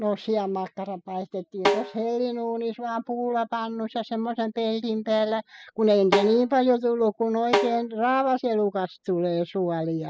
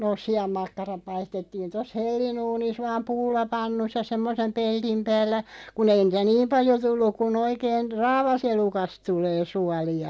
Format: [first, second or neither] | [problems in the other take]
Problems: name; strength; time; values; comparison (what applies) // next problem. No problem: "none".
second | noise reduction (classical method spectral subtraction)